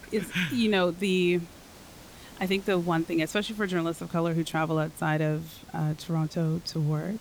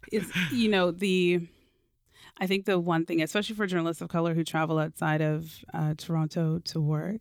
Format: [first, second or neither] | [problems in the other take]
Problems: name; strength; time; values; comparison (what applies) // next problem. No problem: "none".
second | hiss; faint; throughout; 20 dB below the speech